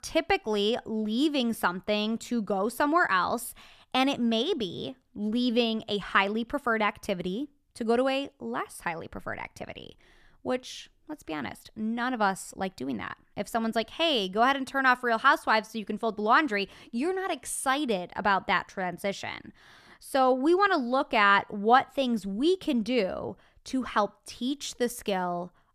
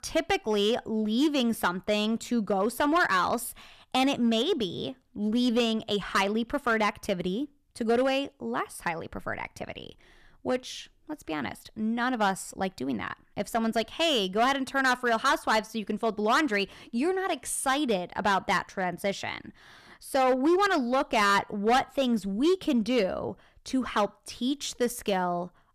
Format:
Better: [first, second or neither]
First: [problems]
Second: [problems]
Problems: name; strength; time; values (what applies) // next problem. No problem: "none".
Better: first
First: none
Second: distortion; slight; 4% of the sound clipped